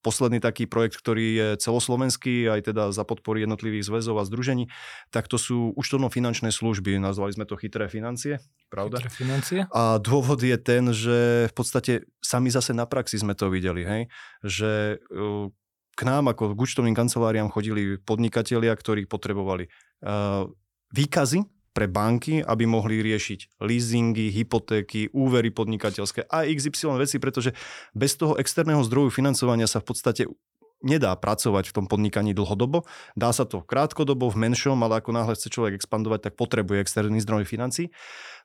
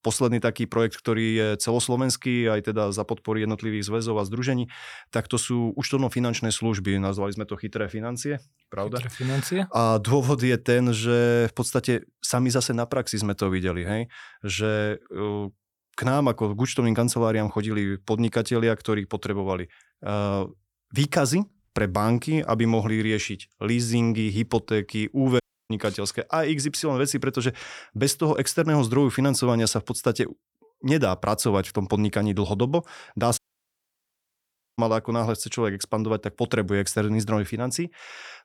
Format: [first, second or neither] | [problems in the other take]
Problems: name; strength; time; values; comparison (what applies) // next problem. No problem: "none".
first | audio cutting out; at 25 s and at 33 s for 1.5 s